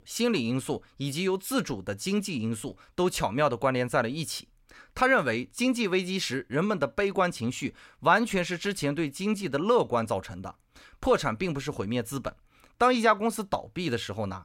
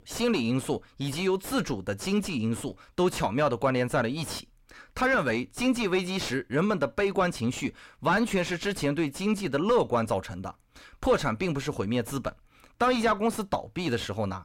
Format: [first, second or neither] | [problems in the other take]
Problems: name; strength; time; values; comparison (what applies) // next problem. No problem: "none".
first | distortion; slight; 9 dB below the speech